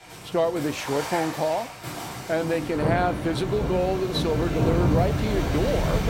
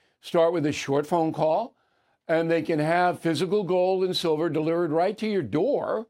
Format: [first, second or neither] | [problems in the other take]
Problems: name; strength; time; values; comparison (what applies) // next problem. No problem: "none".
second | rain or running water; loud; throughout; 2 dB below the speech